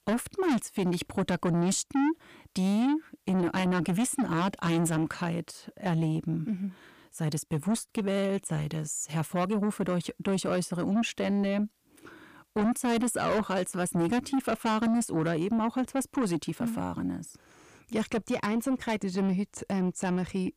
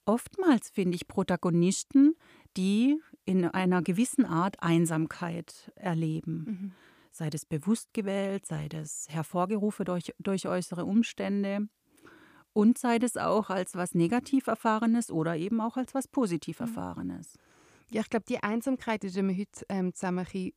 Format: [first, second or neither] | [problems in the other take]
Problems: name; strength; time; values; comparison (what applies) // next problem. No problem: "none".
second | distortion; heavy; 7 dB below the speech